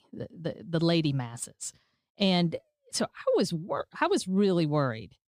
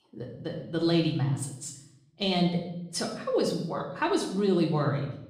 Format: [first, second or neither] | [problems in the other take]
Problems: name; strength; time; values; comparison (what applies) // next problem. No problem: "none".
first | room echo; slight; dies away in 0.7 s // off-mic speech; somewhat distant